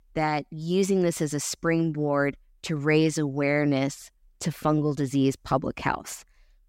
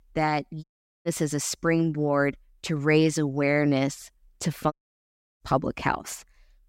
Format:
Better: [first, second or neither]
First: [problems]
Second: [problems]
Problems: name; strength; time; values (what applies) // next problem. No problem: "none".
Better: first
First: none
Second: audio cutting out; at 0.5 s and at 4.5 s for 0.5 s